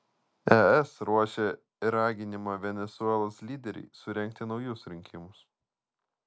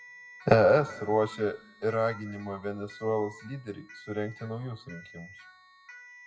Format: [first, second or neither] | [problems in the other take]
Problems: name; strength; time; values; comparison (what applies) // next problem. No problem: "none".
first | noise reduction (classical method WPE with log-MMSE)